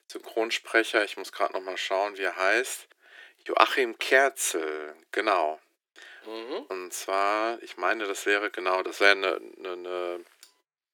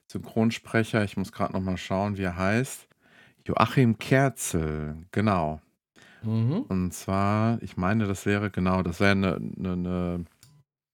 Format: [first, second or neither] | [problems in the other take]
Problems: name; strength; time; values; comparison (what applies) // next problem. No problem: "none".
second | thin; very; fading below 350 Hz